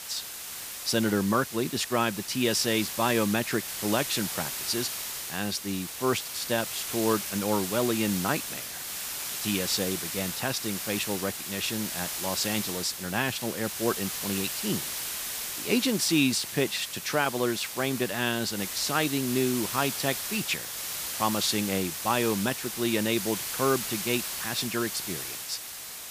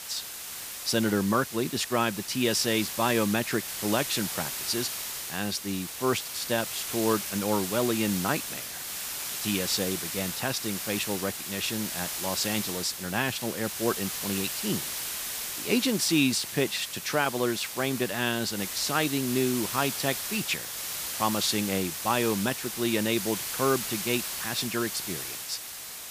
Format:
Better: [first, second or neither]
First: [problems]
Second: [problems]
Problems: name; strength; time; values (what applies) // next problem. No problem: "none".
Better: neither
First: hiss; loud; throughout; 4 dB below the speech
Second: hiss; loud; throughout; 4 dB below the speech